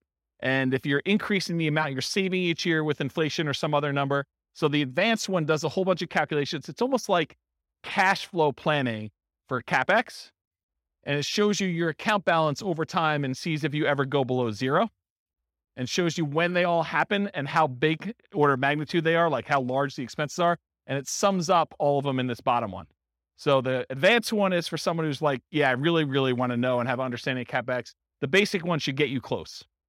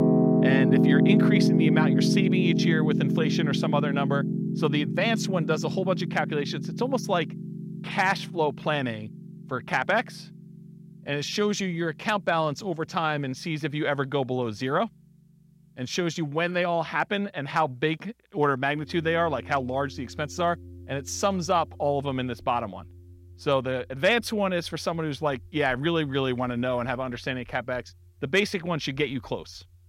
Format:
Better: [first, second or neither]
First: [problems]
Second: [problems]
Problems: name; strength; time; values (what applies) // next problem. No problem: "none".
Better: first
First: none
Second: background music; very loud; throughout; 2 dB above the speech